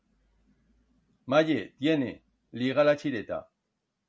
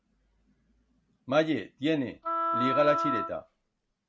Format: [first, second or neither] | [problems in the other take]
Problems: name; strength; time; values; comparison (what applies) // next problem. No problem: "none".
first | background sound (Wind instrument, woodwind instrument); as loud as the speech